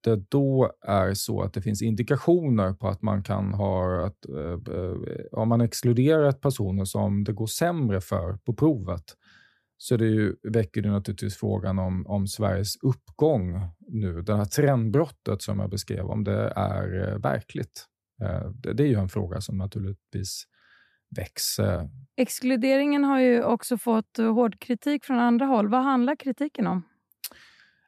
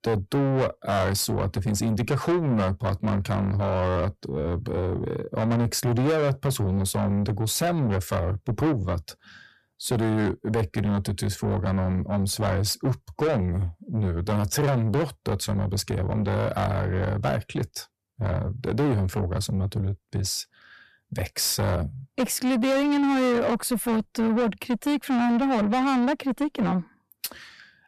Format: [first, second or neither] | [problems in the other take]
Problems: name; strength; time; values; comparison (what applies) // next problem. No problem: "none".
first | distortion; heavy; 7 dB below the speech